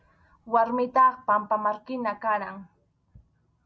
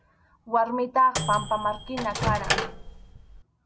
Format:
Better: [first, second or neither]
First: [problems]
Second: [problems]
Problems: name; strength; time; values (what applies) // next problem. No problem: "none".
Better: first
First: none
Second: background sound (Microwave oven); 3 dB below the speech